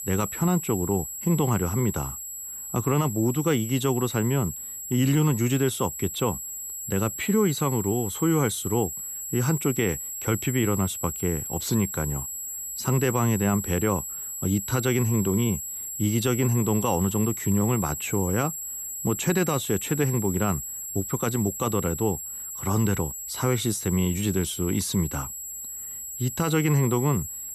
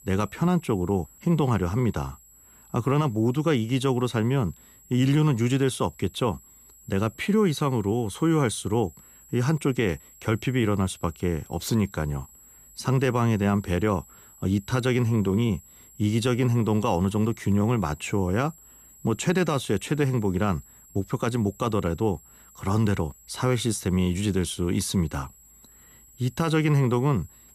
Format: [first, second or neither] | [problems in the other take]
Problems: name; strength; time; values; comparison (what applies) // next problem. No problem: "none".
second | high-pitched whine; loud; throughout; 7.5 kHz, 6 dB below the speech; faint in the second